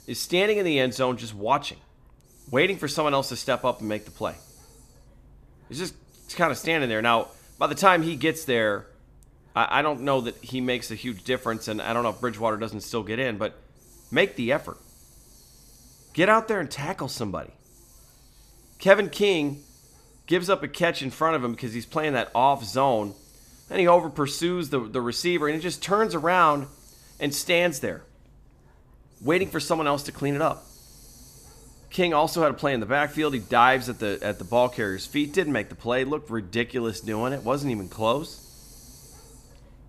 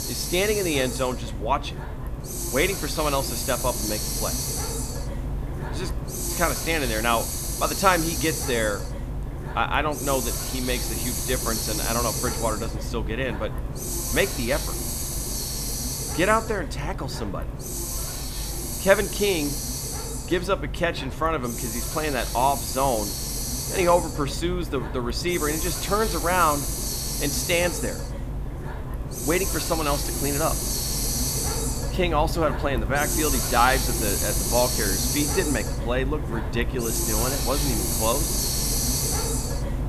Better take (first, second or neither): first